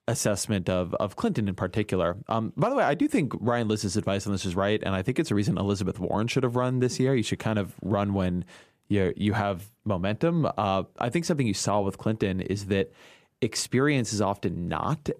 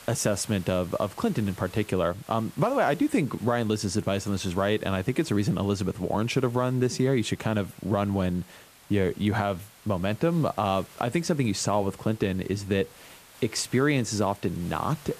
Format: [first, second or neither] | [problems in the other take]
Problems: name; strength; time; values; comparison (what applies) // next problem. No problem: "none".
first | hiss; faint; throughout; 20 dB below the speech